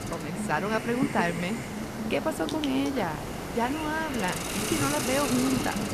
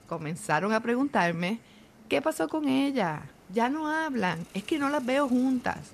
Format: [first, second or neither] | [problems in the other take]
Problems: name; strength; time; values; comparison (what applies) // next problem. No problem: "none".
second | hiss; loud; throughout; 2 dB below the speech; faint in the second